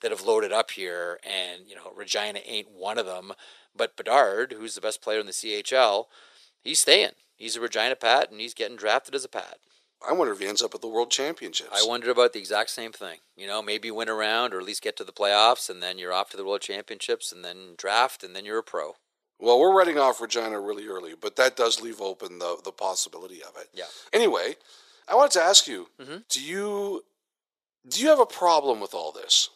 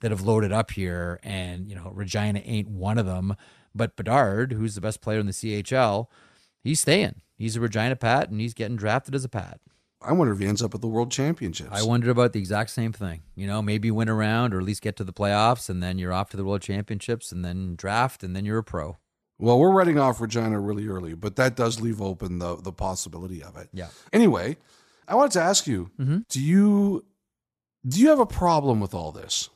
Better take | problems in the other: second | thin; very; fading below 400 Hz

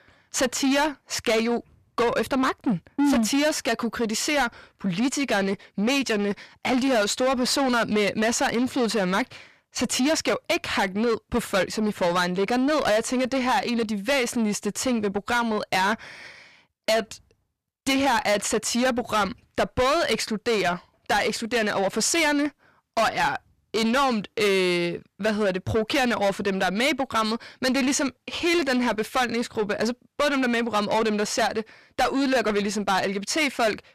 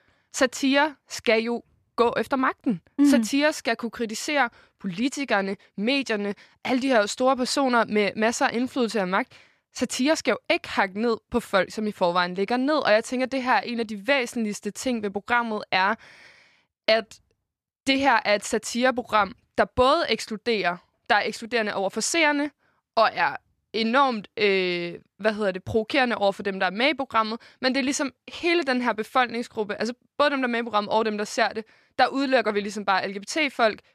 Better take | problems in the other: second | distortion; heavy; 7 dB below the speech

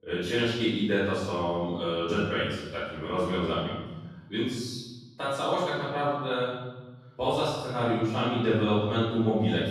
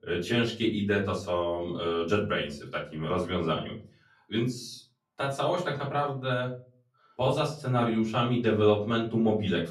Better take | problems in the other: second | room echo; strong; dies away in 1.1 s; slight in the second // off-mic speech; far; far in the second

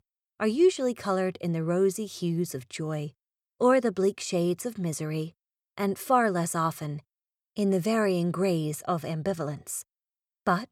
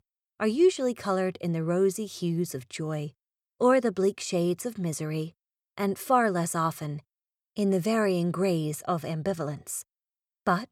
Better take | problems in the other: neither | none

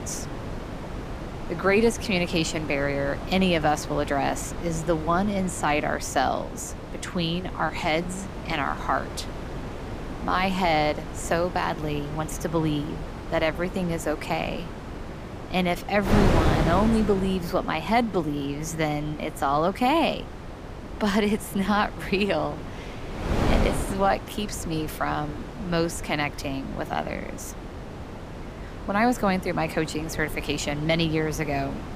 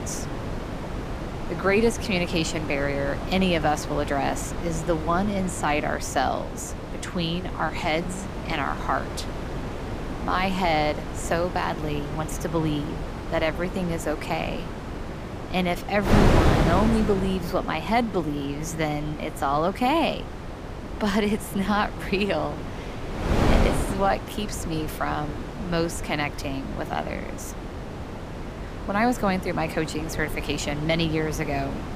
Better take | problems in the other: first | wind noise on the microphone; heavy; 7 dB below the speech; occasional gusts in the first

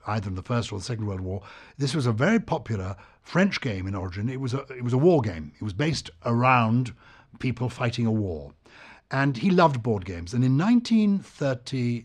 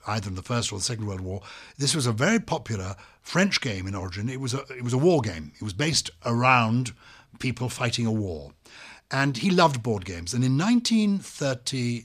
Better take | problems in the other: second | muffled; slightly; fading above 1.5 kHz

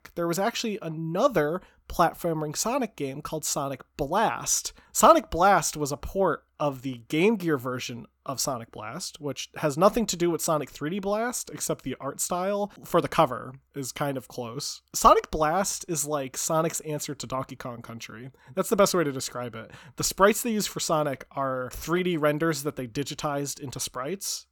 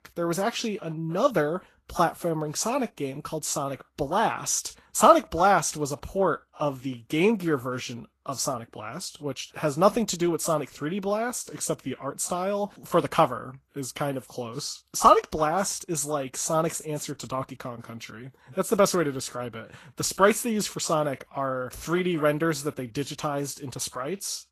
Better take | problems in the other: first | garbled, watery; slightly; nothing above 12.5 kHz

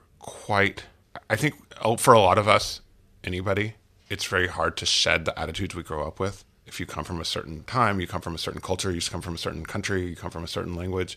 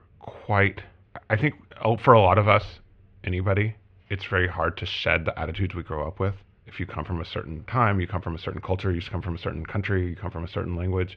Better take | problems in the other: first | muffled; very; fading above 2.5 kHz

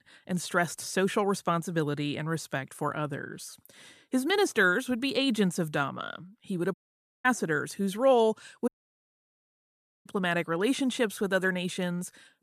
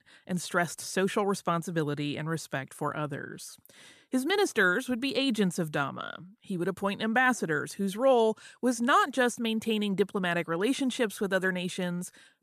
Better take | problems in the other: second | audio cutting out; at 6.5 s for 0.5 s and at 8.5 s for 1.5 s

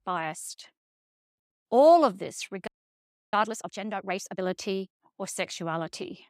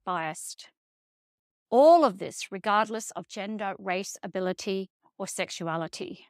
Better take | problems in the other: second | audio freezing; at 2.5 s for 0.5 s

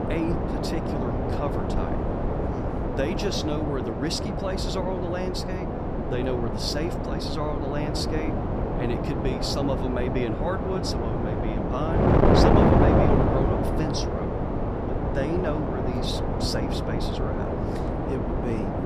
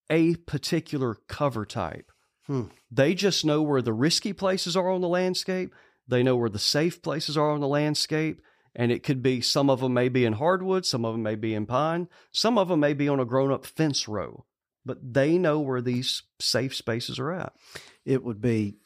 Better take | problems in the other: second | wind noise on the microphone; heavy; 4 dB above the speech

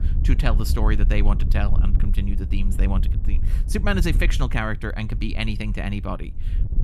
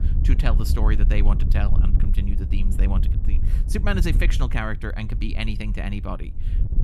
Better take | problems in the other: first | wind noise on the microphone; heavy; 10 dB below the speech; occasional gusts in the first

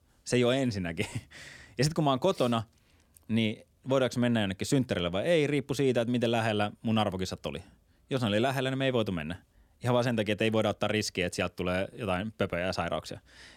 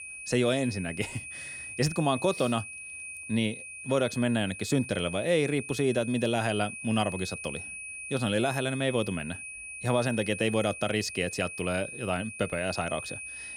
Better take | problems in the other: first | high-pitched whine; loud; throughout; 2.5 kHz, 9 dB below the speech

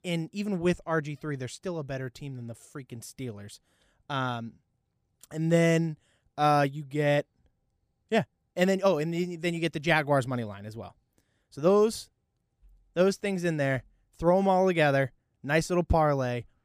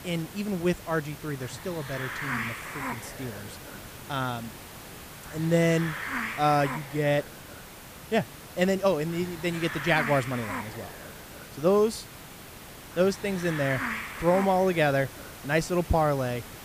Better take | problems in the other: first | hiss; noticeable; throughout; 10 dB below the speech

